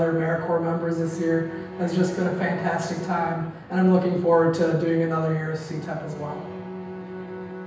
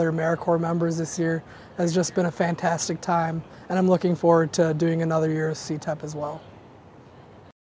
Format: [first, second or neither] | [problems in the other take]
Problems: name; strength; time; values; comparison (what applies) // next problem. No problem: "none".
second | background sound (Bowed string instrument); 14 dB below the speech // room echo; dies away in 0.9 s